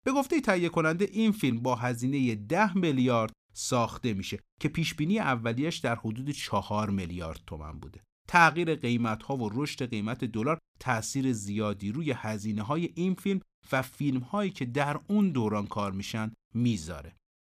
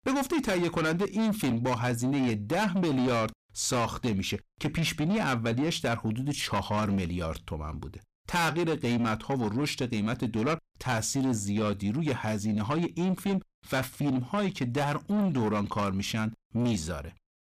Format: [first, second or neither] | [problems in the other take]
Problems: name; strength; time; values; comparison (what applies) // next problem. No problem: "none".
first | distortion; heavy; 7 dB below the speech